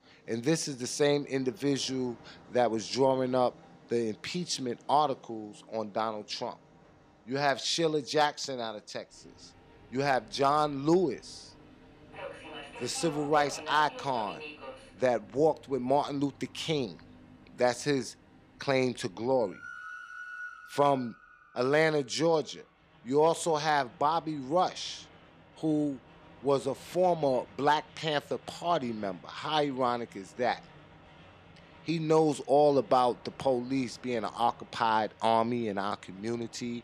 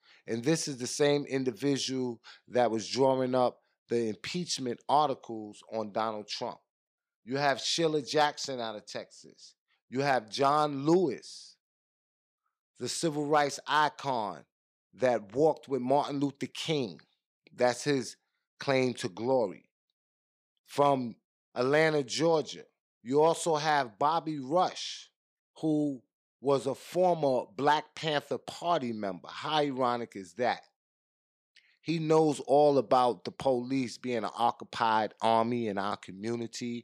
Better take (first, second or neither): second